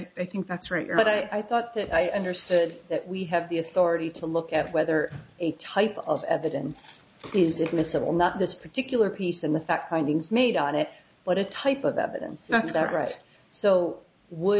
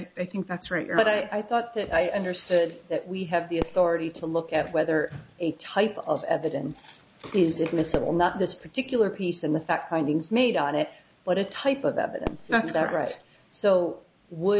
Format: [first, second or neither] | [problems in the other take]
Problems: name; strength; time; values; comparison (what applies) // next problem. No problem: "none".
first | background sound (Fireworks); 19 dB below the speech